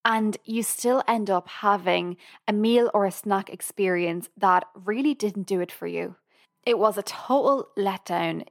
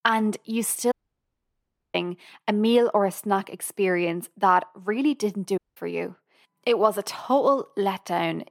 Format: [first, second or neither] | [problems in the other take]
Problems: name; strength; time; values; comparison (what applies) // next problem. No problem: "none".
first | audio cutting out; at 1 s for 1 s and at 5.5 s